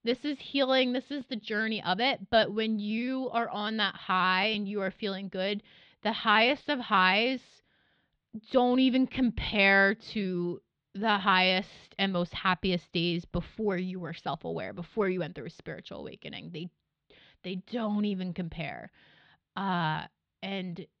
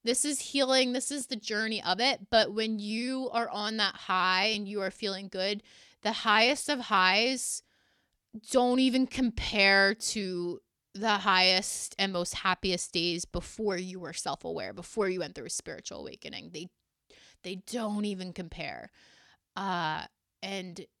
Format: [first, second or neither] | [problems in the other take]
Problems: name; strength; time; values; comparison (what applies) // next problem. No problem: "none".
second | muffled; slightly; fading above 4 kHz